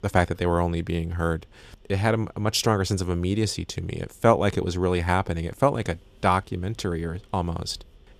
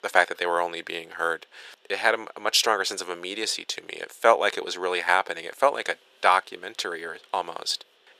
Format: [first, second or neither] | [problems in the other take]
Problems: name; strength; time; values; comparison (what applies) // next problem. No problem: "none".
first | thin; very; fading below 500 Hz